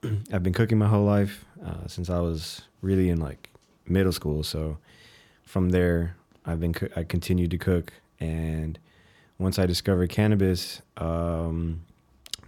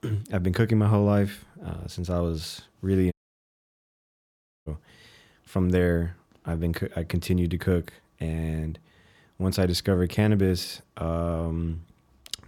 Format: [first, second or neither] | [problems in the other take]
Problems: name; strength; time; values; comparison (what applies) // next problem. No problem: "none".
first | audio cutting out; at 3 s for 1.5 s